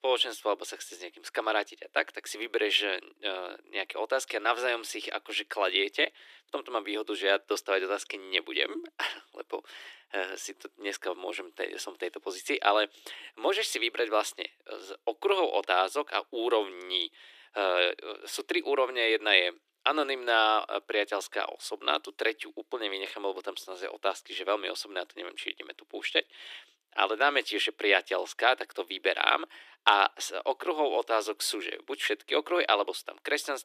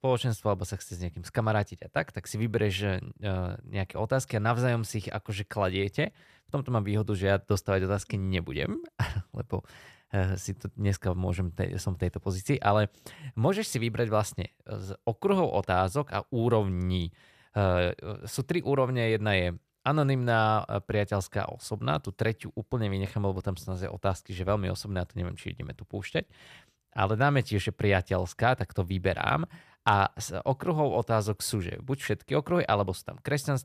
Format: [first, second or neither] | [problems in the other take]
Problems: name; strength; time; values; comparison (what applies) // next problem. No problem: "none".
second | thin; very; fading below 300 Hz